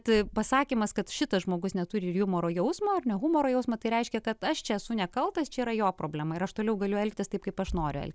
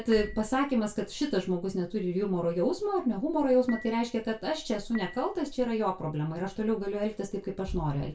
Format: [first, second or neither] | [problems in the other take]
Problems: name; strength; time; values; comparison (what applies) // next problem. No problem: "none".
first | background sound (Dishes, pots, and pans / Chink, clink); 20 dB below the speech // room echo; dies away in 0.2 s